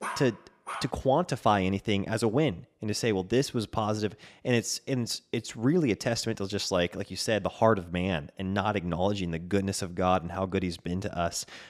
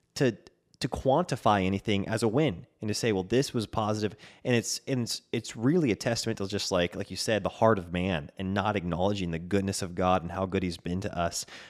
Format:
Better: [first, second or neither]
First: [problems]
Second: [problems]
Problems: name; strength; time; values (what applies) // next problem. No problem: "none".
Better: second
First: dog barking; noticeable; at the start; peak 8 dB below the speech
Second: none